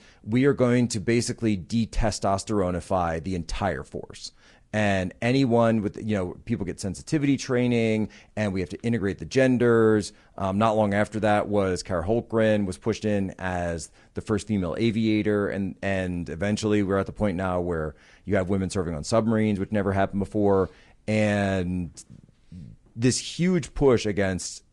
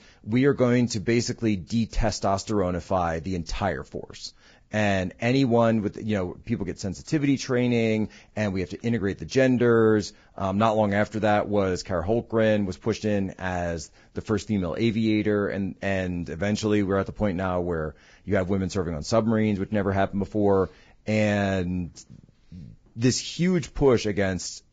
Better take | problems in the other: first | garbled, watery; badly; nothing above 7.5 kHz; slightly in the first

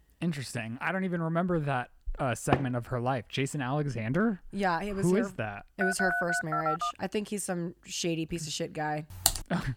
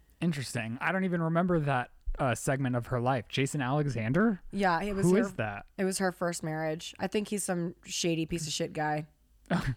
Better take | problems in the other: second | door banging; noticeable; at 2.5 s; peak level with the speech // phone ringing; loud; from 6 to 7 s; peak 3 dB above the speech // keyboard typing; loud; at 9.5 s; peak 4 dB above the speech

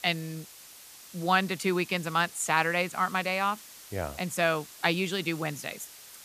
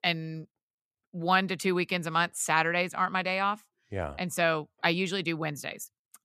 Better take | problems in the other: second | hiss; noticeable; throughout; 15 dB below the speech

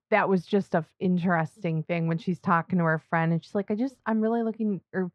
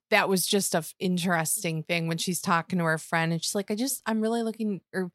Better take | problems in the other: second | muffled; very; fading above 1.5 kHz

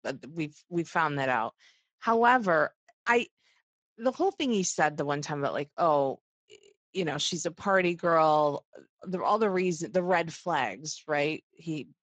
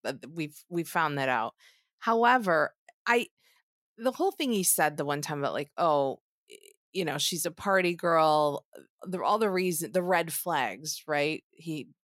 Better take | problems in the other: second | garbled, watery; badly; nothing above 7.5 kHz

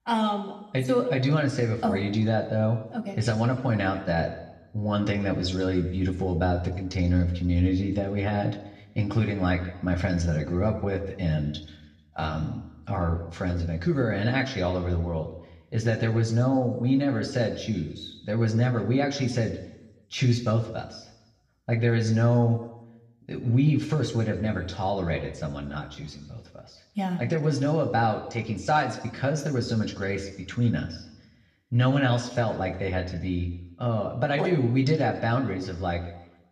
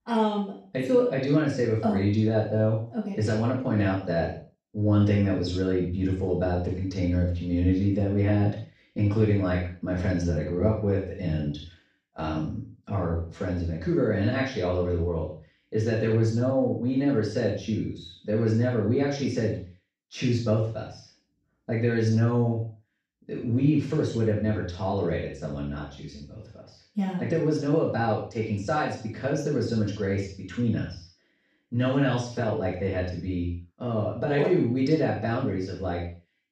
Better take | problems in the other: first | room echo; strong; dies away in 0.4 s; slight in the first // off-mic speech; far; somewhat distant in the first

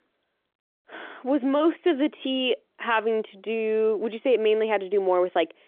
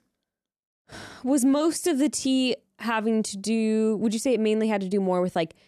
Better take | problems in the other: second | phone-call audio; nothing above 3.5 kHz

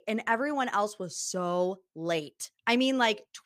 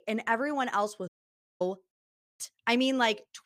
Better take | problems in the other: first | audio cutting out; at 1 s for 0.5 s and at 2 s

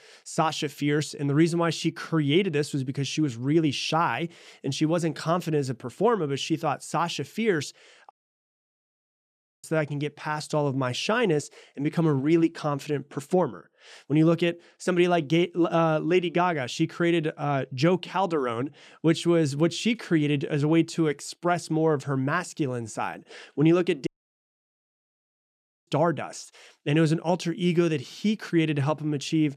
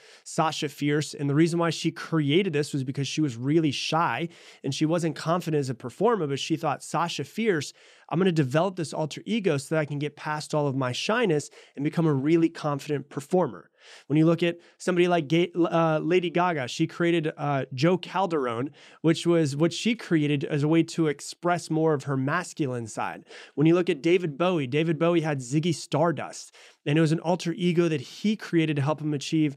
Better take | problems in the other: second | audio cutting out; at 8 s for 1.5 s and at 24 s for 2 s

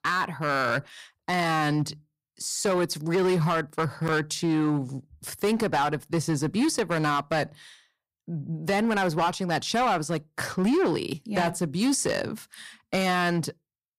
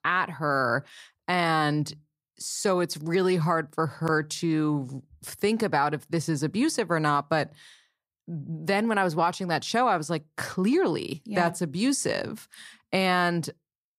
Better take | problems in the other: second | distortion; slight; 8% of the sound clipped

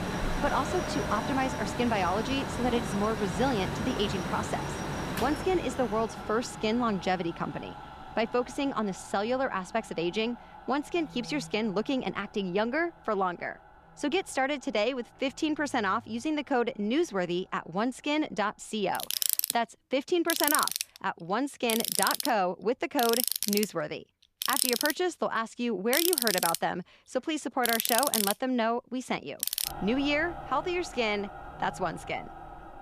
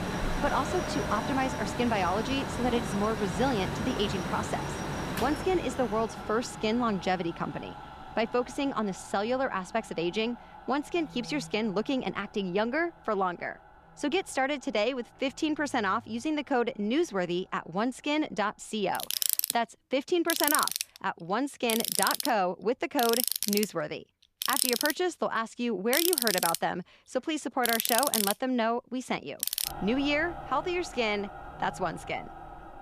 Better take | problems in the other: neither | machinery noise; loud; throughout; 1 dB below the speech; the same in both

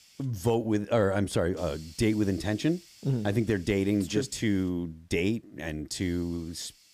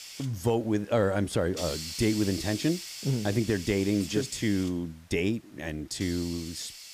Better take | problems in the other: first | hiss; loud; throughout; 10 dB below the speech; faint in the first

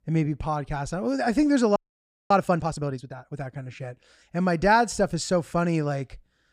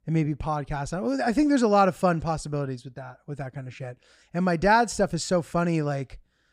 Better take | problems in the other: second | audio freezing; at 2 s for 0.5 s

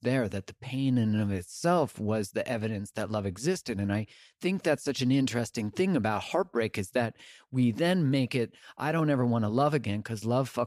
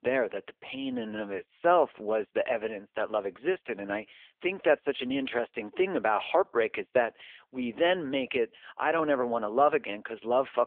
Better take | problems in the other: first | phone-call audio; nothing above 3.5 kHz

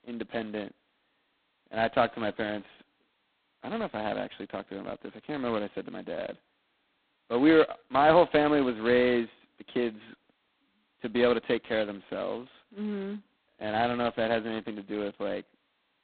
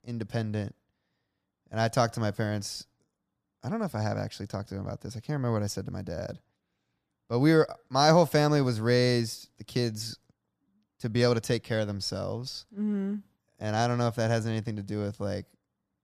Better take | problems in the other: second | phone-call audio; poor line; nothing above 4 kHz

